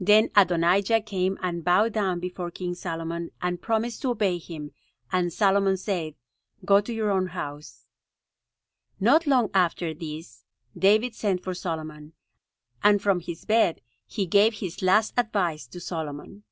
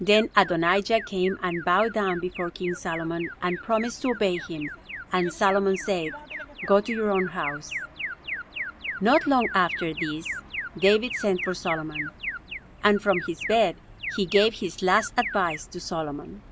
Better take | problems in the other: first | background sound (Alarm); 10 dB below the speech

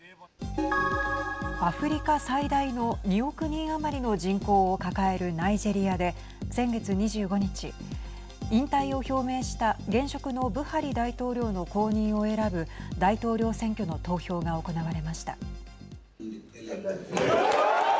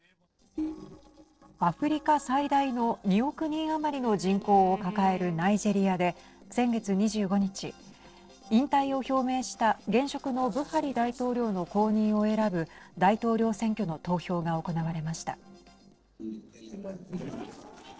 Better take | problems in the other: first | noise reduction (neural separator model SepFormer DNS4)

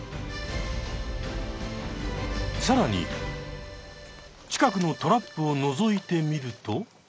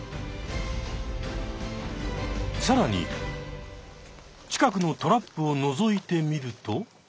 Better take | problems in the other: second | background sound (Accordion); 17 dB below the speech

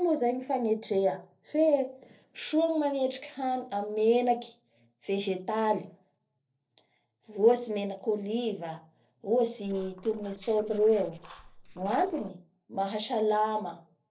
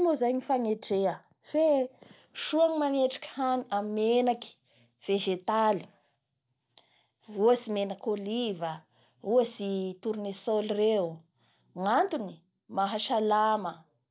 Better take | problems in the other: second | noise reduction (neural separator model SepFormer DNS4)

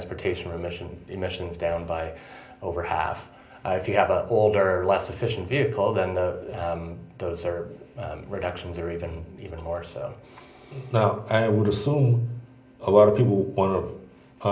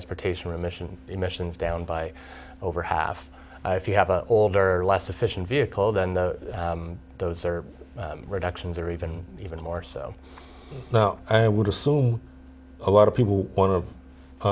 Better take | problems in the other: second | room echo; dies away in 0.5 s

